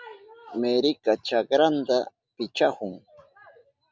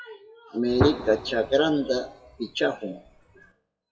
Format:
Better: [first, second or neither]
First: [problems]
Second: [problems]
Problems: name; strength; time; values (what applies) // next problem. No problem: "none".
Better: first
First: none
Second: noise reduction (classical method WPE with log-MMSE)